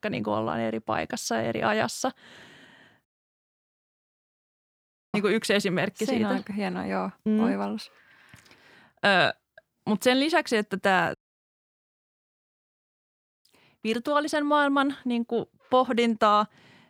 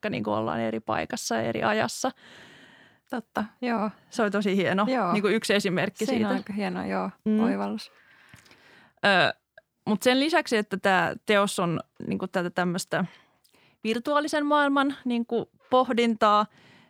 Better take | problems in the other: second | audio cutting out; at 3 s for 2 s and at 11 s for 2.5 s

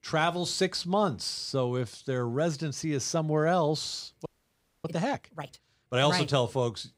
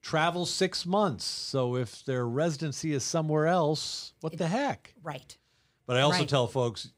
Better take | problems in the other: second | audio freezing; at 4.5 s for 0.5 s

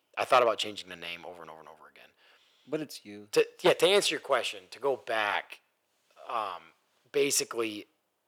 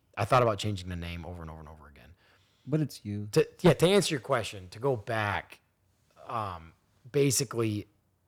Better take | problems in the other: second | thin; very; fading below 450 Hz

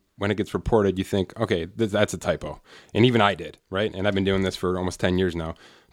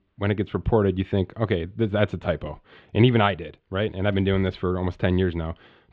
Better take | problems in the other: first | muffled; very; fading above 3 kHz

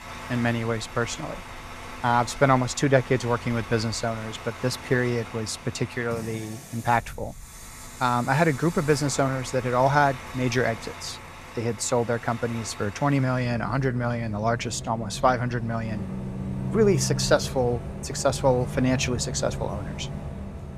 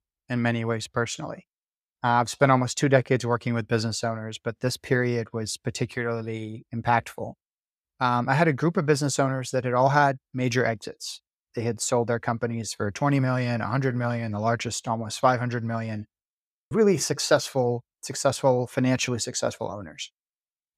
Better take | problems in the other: second | traffic noise; noticeable; throughout; 10 dB below the speech

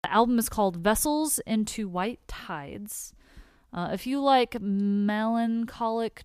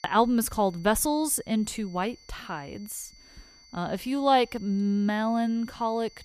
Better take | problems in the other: first | high-pitched whine; faint; throughout; 4.5 kHz, 25 dB below the speech

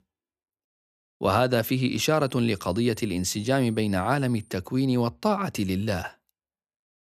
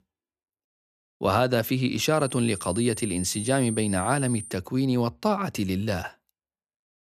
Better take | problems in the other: first | high-pitched whine; loud; from 2 to 4.5 s; 9 kHz, 9 dB below the speech; faint in the first

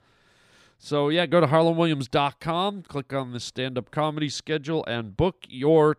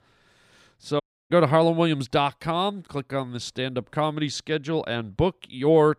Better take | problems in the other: first | audio cutting out; at 1 s

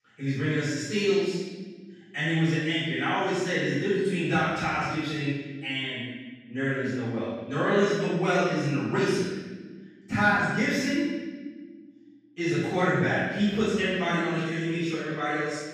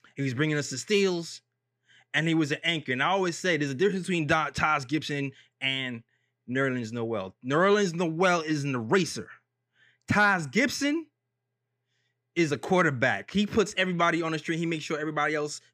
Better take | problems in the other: second | room echo; strong; dies away in 1.3 s // off-mic speech; far

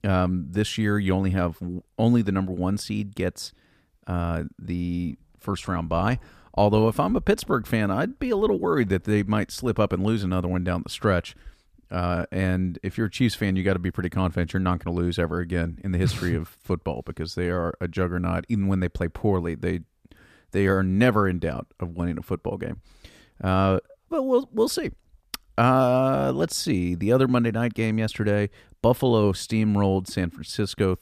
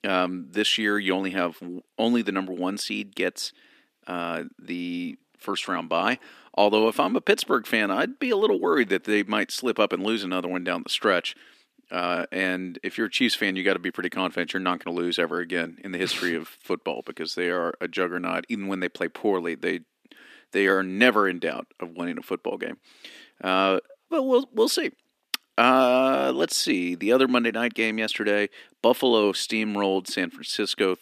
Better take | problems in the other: first | thin; very slightly; fading below 250 Hz

